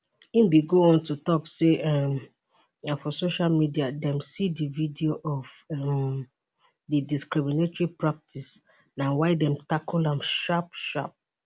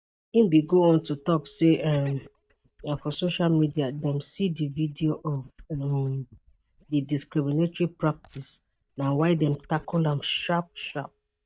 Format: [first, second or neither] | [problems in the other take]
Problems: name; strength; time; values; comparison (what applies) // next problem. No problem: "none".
first | noise reduction (neural mask model DeepFilterNet 3)